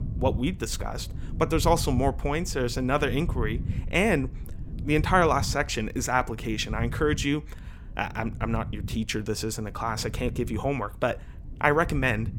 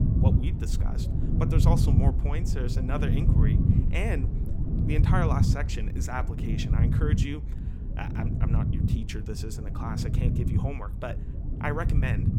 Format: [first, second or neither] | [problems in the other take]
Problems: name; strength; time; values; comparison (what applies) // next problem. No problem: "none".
first | low rumble; loud; throughout; 2 dB below the speech; faint in the first